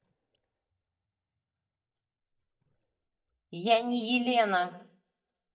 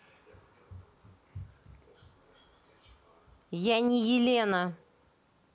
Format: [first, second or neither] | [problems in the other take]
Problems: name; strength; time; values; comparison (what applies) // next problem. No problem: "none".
second | noise reduction (neural mask model DeepFilterNet 3)